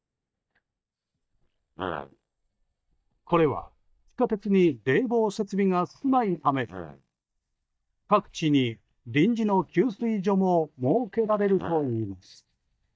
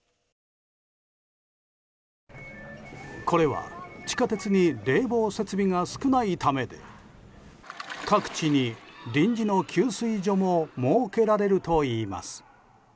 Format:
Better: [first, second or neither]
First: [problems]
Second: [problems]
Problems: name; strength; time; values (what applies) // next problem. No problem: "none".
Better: second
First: noise reduction (neural mask model DeepFilterNet 3)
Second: none